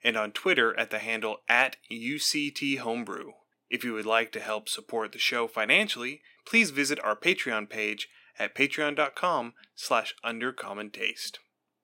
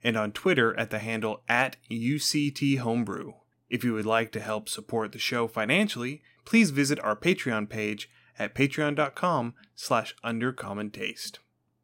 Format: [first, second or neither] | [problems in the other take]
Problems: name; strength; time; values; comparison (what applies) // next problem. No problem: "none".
second | thin; very slightly; fading below 350 Hz